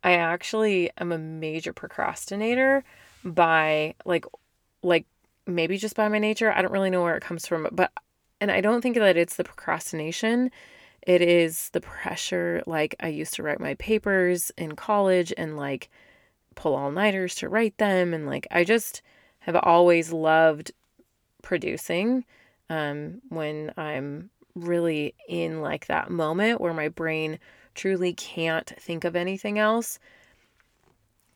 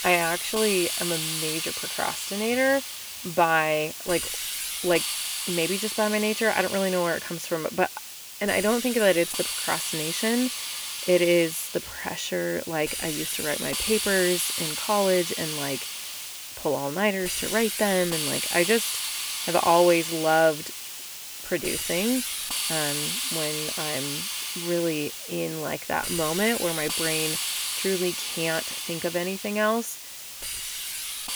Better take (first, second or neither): first